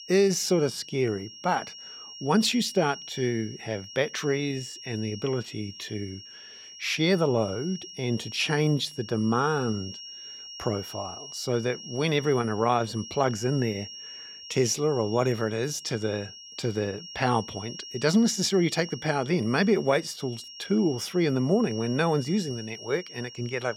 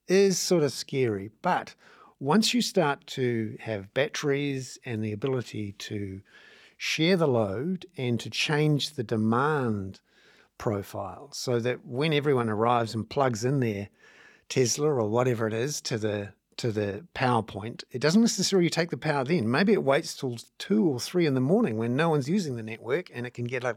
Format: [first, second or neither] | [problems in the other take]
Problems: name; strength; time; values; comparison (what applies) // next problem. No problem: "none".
second | high-pitched whine; noticeable; throughout; 5.5 kHz, 15 dB below the speech